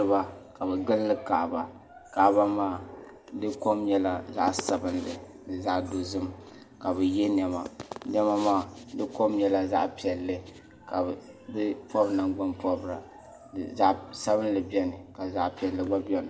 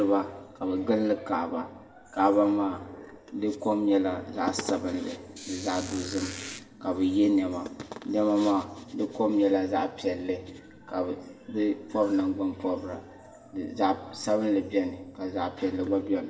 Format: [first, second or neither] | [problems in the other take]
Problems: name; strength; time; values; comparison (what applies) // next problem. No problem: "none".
first | background sound (Squeak); 13 dB below the speech // room echo; dies away in 1 s